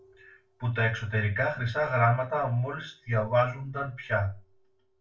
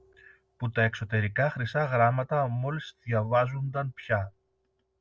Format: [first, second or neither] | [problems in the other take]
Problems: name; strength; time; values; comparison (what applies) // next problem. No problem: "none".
second | room echo; dies away in 0.3 s